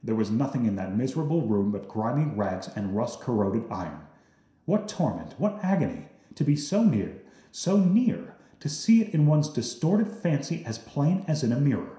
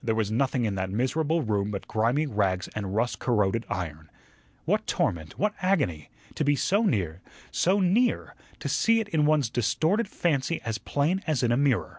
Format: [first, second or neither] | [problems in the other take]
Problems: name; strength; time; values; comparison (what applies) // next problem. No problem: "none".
second | room echo; dies away in 0.7 s